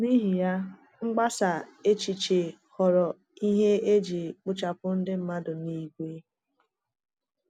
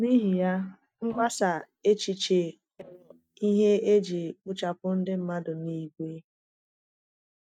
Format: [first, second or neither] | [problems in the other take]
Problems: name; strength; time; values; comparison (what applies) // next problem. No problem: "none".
first | noise reduction (neural mask model DeepFilterNet 3)